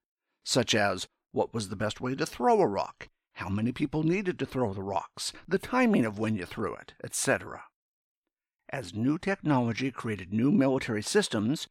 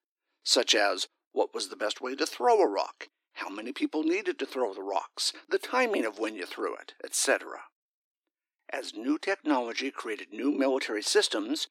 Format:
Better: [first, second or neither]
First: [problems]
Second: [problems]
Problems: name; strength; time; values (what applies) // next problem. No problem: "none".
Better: first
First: none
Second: thin; somewhat; fading below 300 Hz